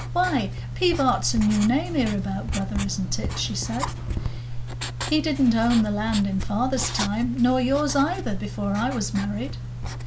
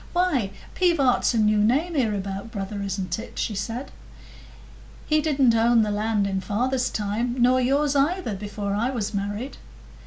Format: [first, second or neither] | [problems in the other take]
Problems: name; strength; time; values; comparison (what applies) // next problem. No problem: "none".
second | background sound (Writing); 6 dB below the speech